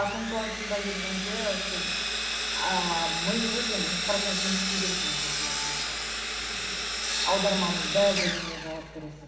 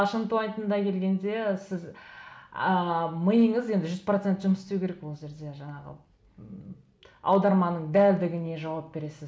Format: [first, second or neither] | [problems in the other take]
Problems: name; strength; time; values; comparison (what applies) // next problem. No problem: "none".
second | background sound (Sawing); 1 dB above the speech // room echo; dies away in 0.9 s